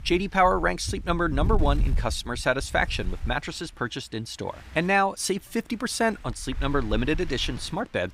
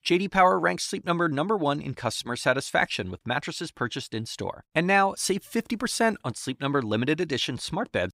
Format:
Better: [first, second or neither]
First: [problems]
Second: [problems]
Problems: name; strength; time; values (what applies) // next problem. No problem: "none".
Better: second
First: wind noise on the microphone; occasional gusts; 20 dB below the speech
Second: none